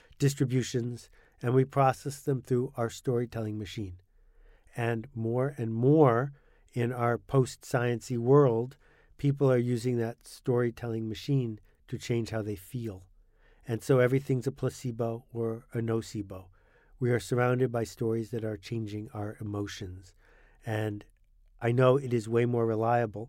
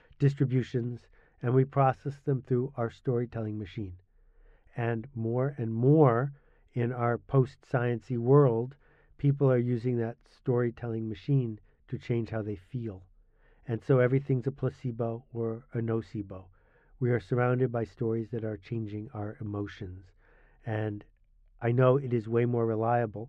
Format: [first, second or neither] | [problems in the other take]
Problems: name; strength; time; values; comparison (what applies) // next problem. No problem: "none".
first | muffled; very; fading above 2.5 kHz